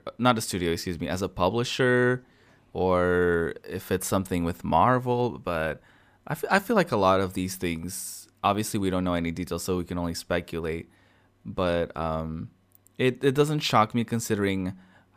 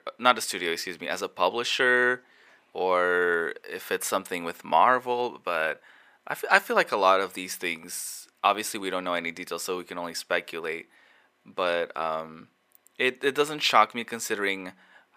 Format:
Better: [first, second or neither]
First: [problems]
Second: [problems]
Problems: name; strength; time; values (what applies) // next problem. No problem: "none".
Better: first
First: none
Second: thin; somewhat; fading below 400 Hz